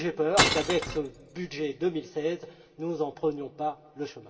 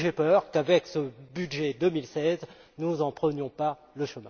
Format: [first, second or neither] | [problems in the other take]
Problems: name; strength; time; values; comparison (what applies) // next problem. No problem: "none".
second | background sound (Glass); 3 dB above the speech // room echo; dies away in 1.4 s